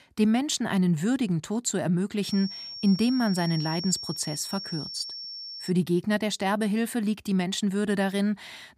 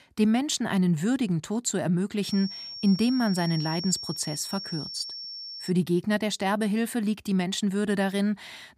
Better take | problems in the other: neither | high-pitched whine; loud; from 2 to 5.5 s; 5.5 kHz, 9 dB below the speech; the same in both

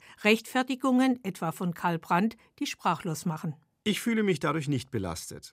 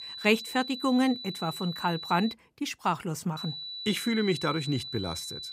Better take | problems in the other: first | high-pitched whine; loud; until 2.5 s and from 3.5 s on; 4 kHz, 8 dB below the speech

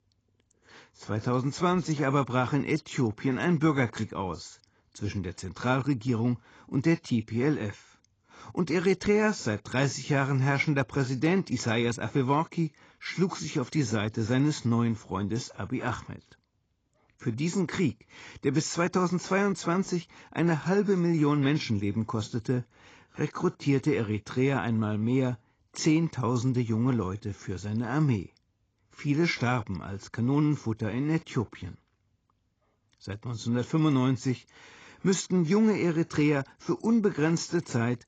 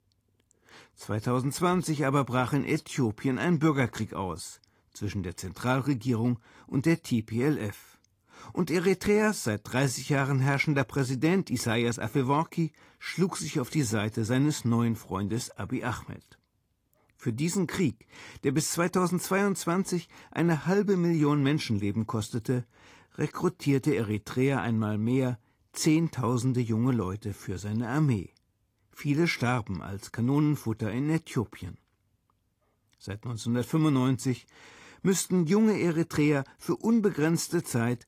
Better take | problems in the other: second | garbled, watery; badly; nothing above 7.5 kHz; slightly in the second

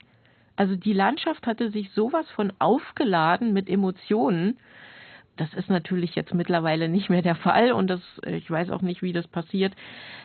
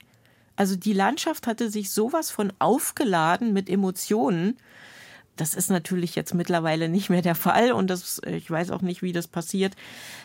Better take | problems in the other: second | garbled, watery; badly; nothing above 4 kHz

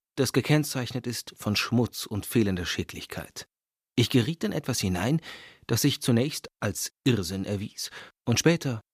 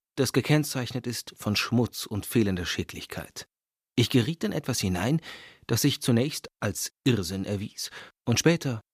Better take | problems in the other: neither | none

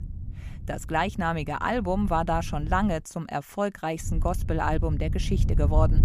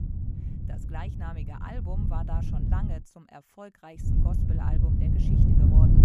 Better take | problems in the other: first | wind noise on the microphone; heavy; until 3 s and from 4 s on; 4 dB above the speech; occasional gusts in the first

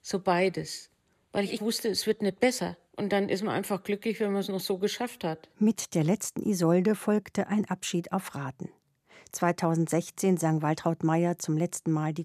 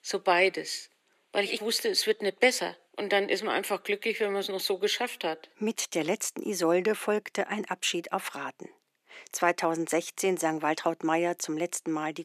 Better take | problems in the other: first | thin; somewhat; fading below 300 Hz

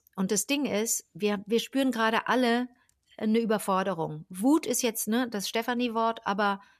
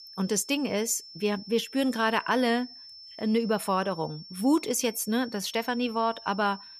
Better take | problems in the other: first | high-pitched whine; noticeable; throughout; 5.5 kHz, 15 dB below the speech

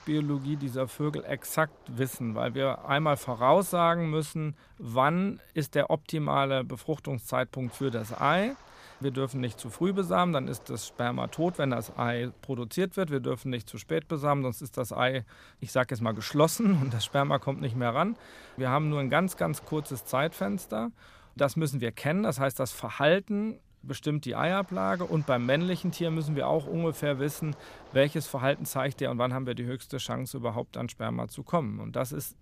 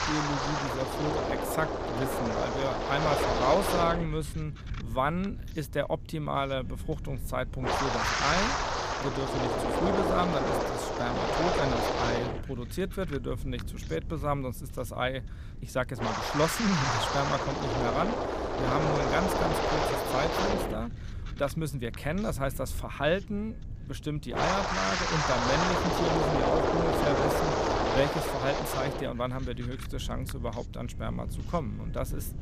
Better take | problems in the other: first | wind noise on the microphone; heavy; 4 dB above the speech; occasional gusts in the first

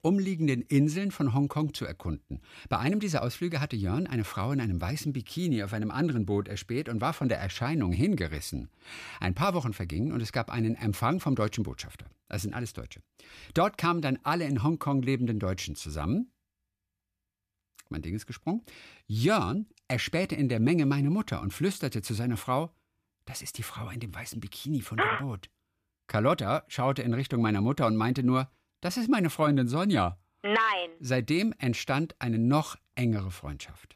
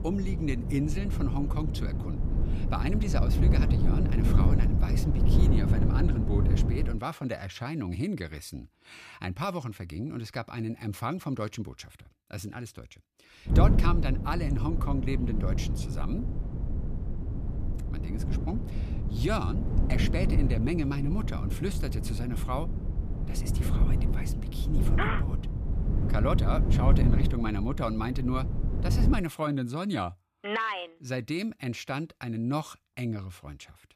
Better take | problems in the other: first | wind noise on the microphone; heavy; until 7 s and from 14 to 29 s; 5 dB below the speech

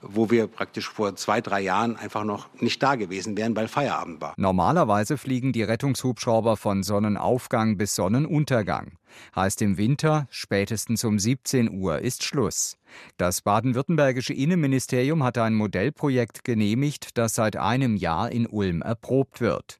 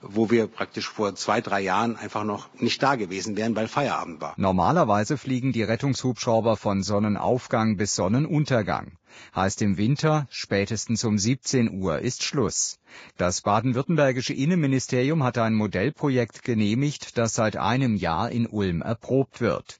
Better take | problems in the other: first | garbled, watery; badly; nothing above 7.5 kHz

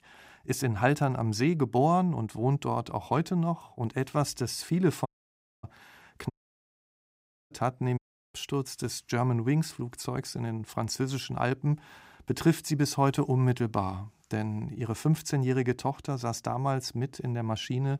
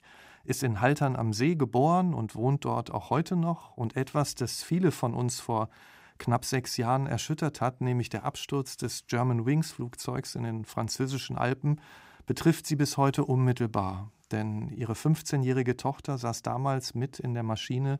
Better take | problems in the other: second | audio cutting out; at 5 s for 0.5 s, at 6.5 s for 1 s and at 8 s

